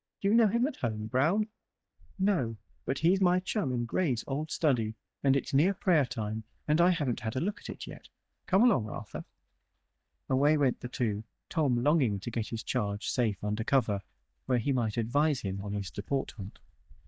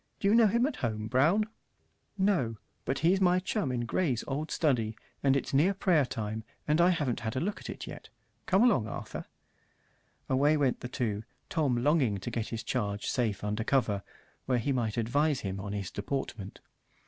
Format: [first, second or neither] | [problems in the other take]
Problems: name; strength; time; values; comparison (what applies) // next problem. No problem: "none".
second | noise reduction (neural mask model DeepFilterNet 3)